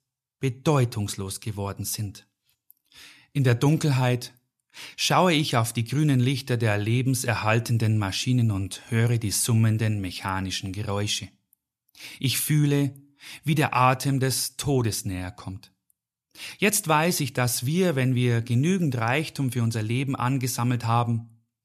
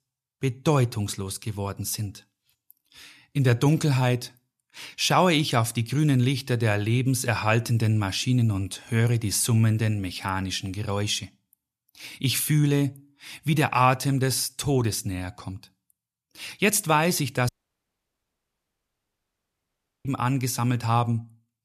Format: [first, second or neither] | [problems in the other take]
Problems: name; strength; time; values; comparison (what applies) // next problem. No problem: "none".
first | audio cutting out; at 17 s for 2.5 s